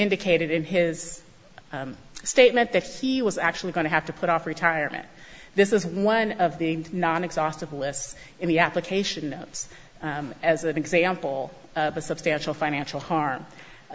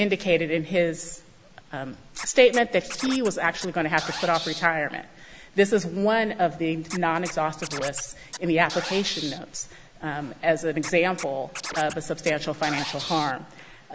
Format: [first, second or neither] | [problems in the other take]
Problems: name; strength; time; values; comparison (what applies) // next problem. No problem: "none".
first | background sound (Scratching (performance technique)); 12 dB below the speech